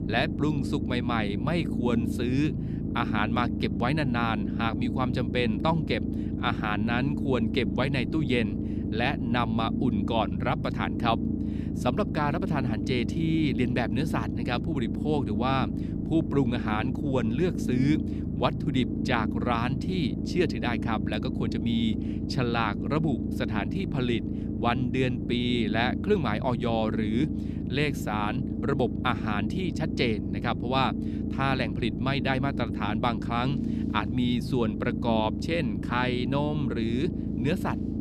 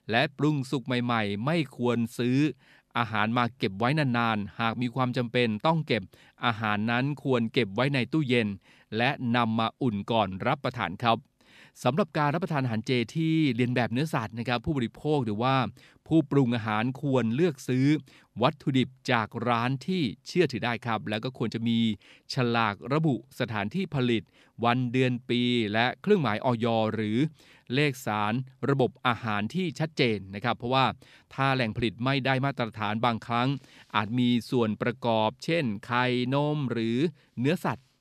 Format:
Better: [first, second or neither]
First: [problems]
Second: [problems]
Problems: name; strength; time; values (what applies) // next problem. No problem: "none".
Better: second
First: low rumble; loud; throughout; 7 dB below the speech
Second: none